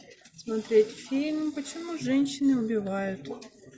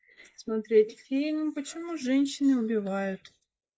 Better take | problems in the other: first | noise reduction (neural mask model Resemble Enhance denoiser)

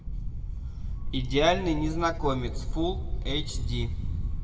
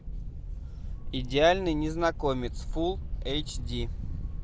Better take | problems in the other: second | room echo; dies away in 0.9 s

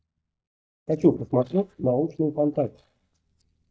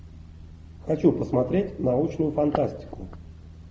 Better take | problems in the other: second | noise reduction (neural mask model DeepFilterNet 3)

